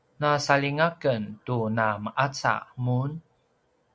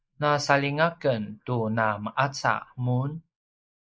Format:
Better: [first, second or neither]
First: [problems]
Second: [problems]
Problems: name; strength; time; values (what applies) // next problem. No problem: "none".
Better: first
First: none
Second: noise reduction (neural mask model Resemble Enhance denoiser)